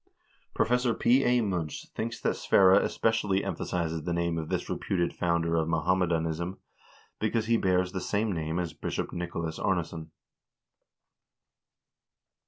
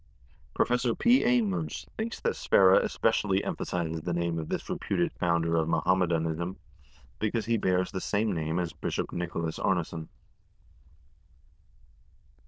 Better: first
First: none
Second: noise reduction (neural diffusion model UNIVERSE++)

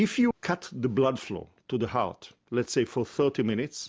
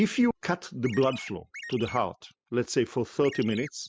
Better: first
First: none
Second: noise reduction (classical method spectral subtraction)

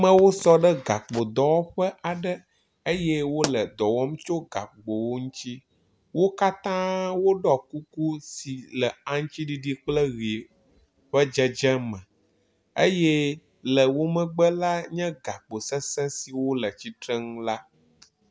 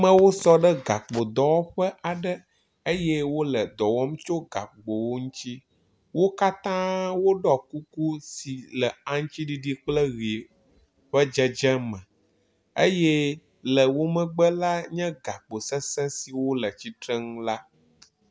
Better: second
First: background sound (Explosion); 13 dB below the speech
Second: none

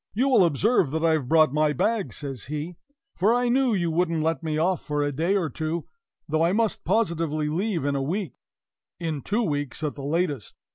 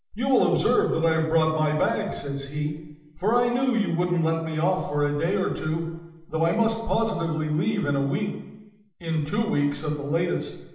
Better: first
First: none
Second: room echo; dies away in 0.8 s

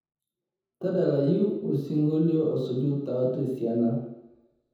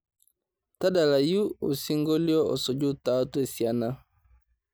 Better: second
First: room echo; dies away in 0.9 s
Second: none

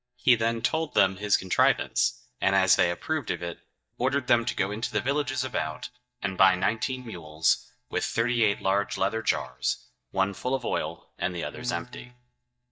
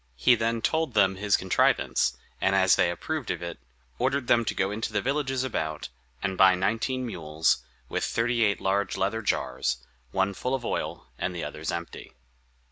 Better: second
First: noise reduction (neural mask model DeepFilterNet 3)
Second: none

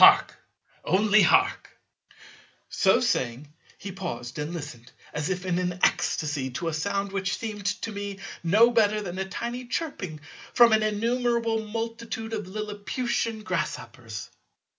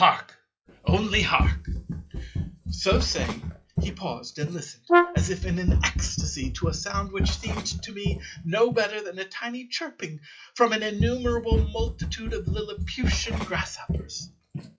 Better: first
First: none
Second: noise reduction (classical method log-MMSE)

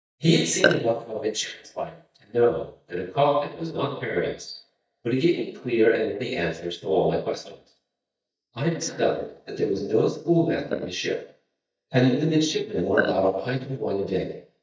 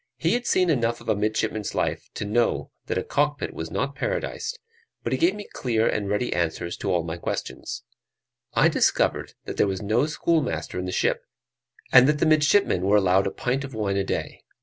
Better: second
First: noise reduction (neural mask model DeepFilterNet 3)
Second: none

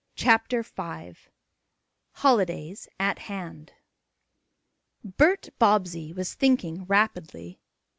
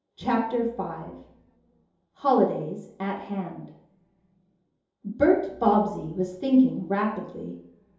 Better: first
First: none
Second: room echo; dies away in 2.8 s

